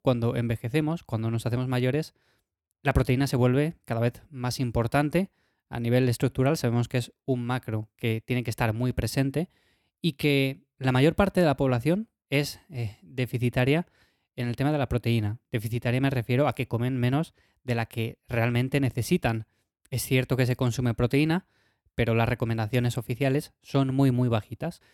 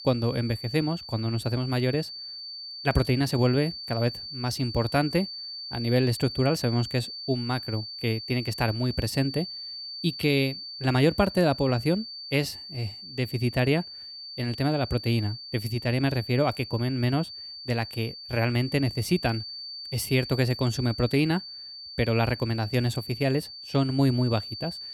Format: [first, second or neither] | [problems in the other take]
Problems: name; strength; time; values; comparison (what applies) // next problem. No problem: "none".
first | high-pitched whine; loud; throughout; 4.5 kHz, 9 dB below the speech